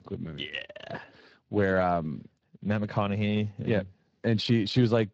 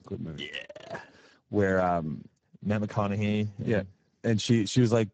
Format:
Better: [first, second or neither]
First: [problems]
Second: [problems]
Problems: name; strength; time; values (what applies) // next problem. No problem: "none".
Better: first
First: garbled, watery; slightly; nothing above 7.5 kHz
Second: garbled, watery; badly; nothing above 7.5 kHz